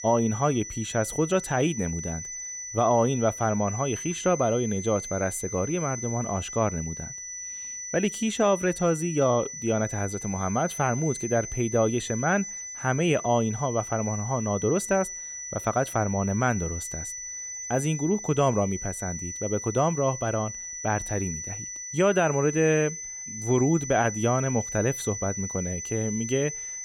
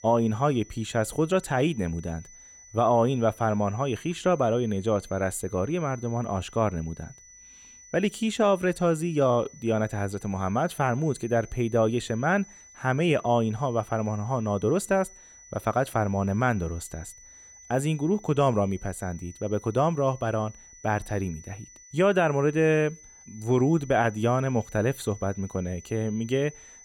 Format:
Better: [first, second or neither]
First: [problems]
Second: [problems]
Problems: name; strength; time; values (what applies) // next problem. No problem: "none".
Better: second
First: high-pitched whine; loud; throughout; 6 kHz, 8 dB below the speech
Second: high-pitched whine; faint; throughout; 6 kHz, 20 dB below the speech